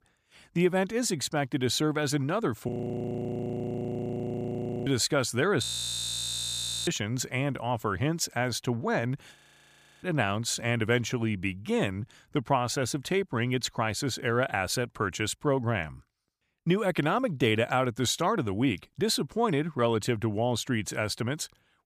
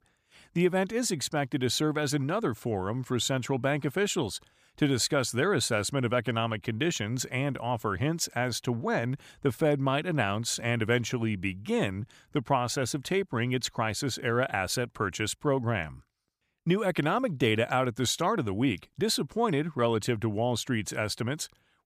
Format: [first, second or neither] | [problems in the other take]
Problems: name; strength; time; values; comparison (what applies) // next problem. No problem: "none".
second | audio freezing; at 2.5 s for 2 s, at 5.5 s for 1 s and at 9.5 s for 0.5 s